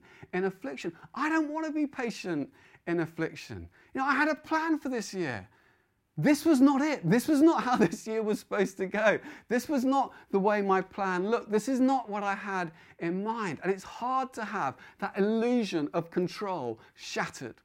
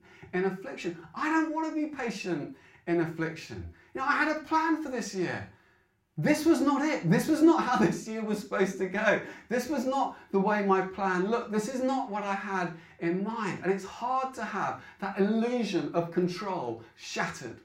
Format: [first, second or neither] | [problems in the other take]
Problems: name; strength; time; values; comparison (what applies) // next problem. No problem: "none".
first | room echo; slight; dies away in 0.4 s // off-mic speech; somewhat distant